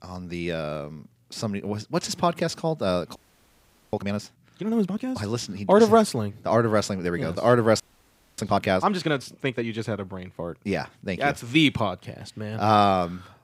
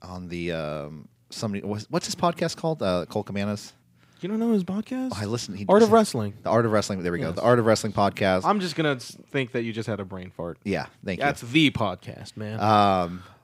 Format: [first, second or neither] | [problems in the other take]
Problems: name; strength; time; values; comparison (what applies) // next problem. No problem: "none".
second | audio freezing; at 3 s for 1 s and at 8 s for 0.5 s